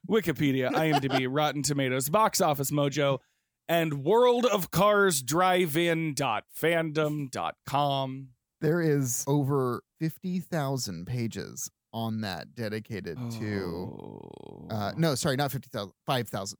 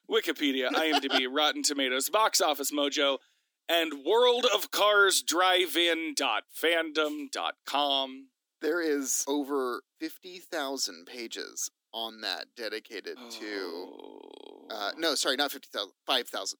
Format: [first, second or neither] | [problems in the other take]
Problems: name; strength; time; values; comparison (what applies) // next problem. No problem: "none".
first | thin; very slightly; fading below 250 Hz